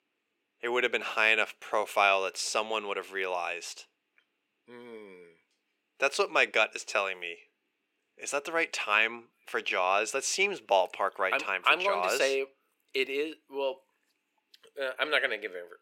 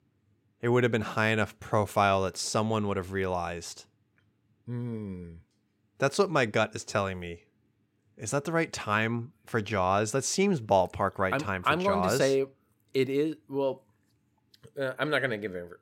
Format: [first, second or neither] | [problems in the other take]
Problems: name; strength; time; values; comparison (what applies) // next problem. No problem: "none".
second | thin; very; fading below 400 Hz